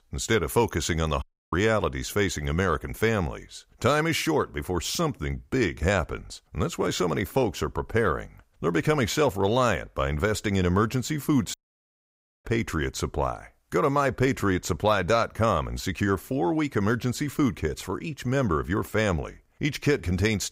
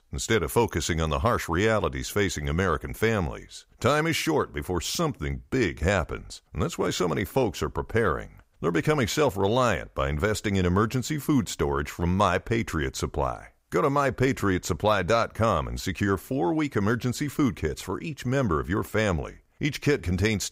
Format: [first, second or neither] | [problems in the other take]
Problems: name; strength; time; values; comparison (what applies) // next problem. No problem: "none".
second | audio cutting out; at 1 s and at 12 s for 1 s